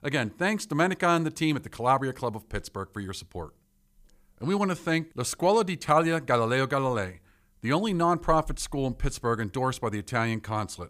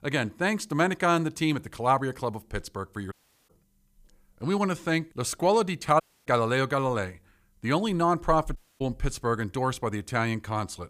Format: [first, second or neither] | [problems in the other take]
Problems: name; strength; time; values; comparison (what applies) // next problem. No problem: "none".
first | audio cutting out; at 3 s, at 6 s and at 8.5 s